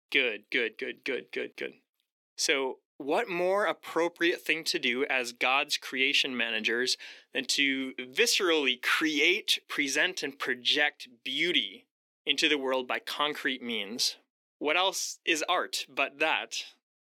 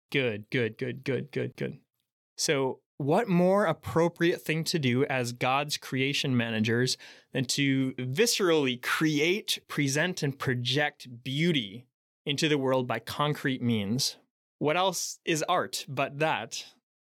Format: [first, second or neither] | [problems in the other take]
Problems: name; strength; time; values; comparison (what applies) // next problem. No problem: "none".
second | thin; somewhat; fading below 300 Hz